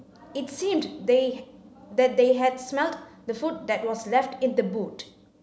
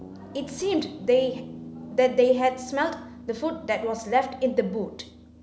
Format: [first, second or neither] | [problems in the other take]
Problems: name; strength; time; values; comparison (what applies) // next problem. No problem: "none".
first | background sound (Guitar); 17 dB below the speech